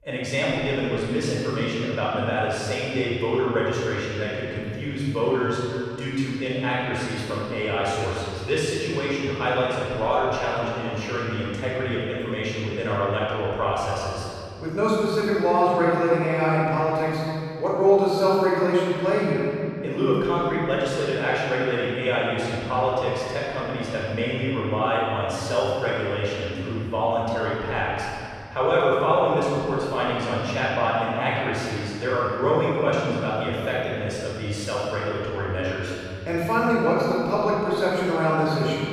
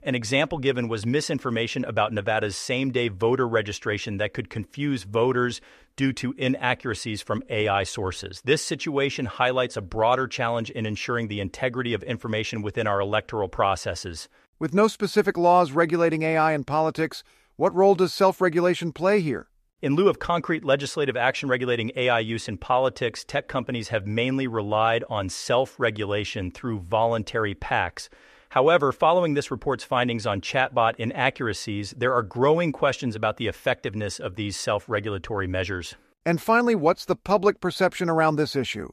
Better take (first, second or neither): second